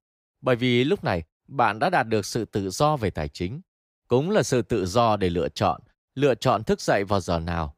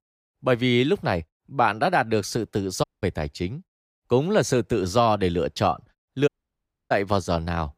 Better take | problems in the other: first | audio cutting out; at 3 s and at 6.5 s for 0.5 s

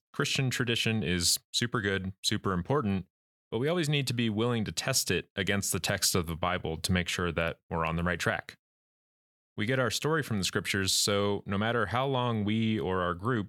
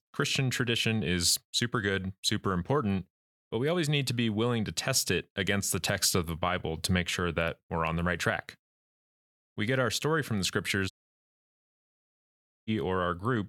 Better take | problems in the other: first | audio cutting out; at 11 s for 2 s

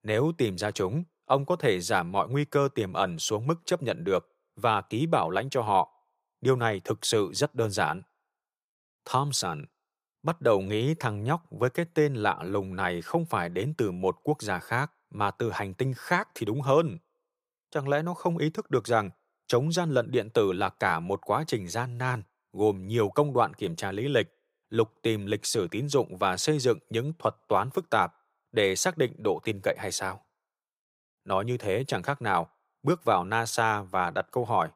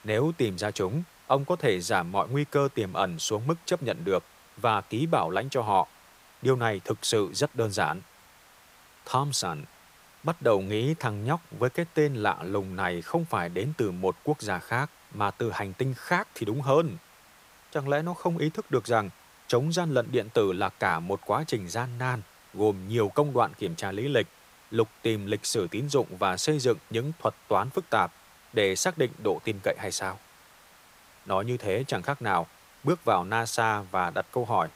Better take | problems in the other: first | hiss; faint; throughout; 25 dB below the speech

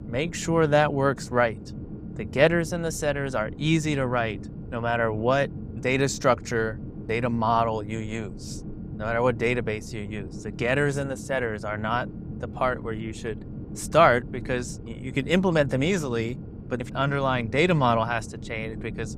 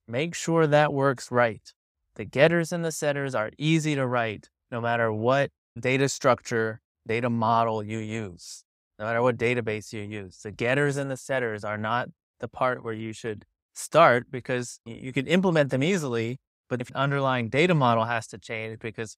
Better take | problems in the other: second | low rumble; faint; throughout; 20 dB below the speech

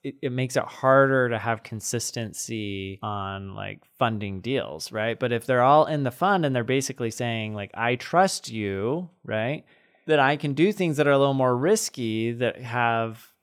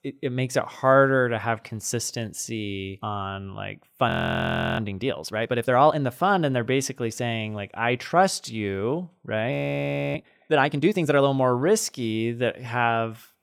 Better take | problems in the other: first | audio freezing; at 4 s for 0.5 s and at 9.5 s for 0.5 s

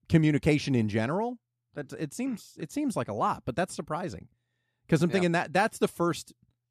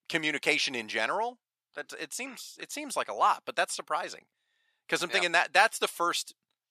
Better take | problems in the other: first | thin; very; fading below 800 Hz

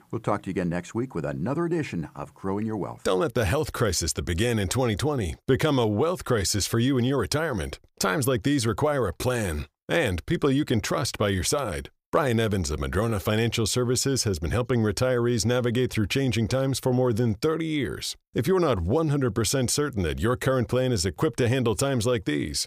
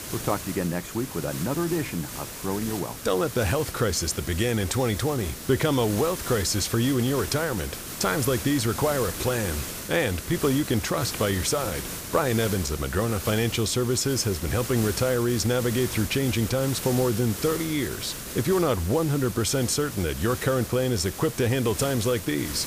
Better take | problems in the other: first | hiss; loud; throughout; 8 dB below the speech

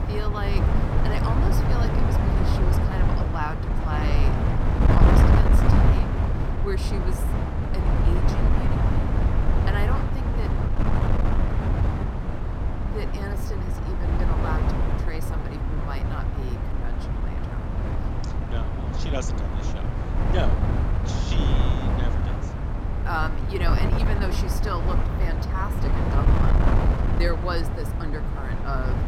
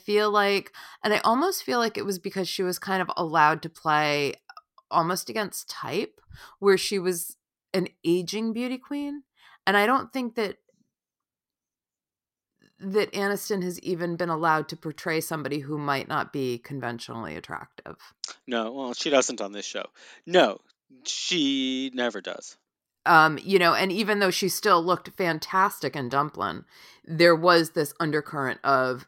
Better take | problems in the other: second | wind noise on the microphone; heavy; 2 dB above the speech

